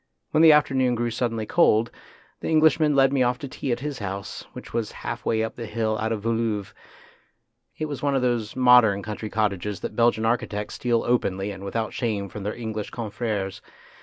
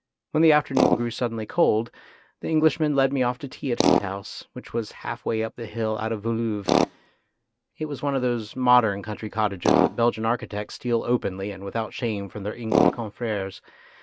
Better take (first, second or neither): first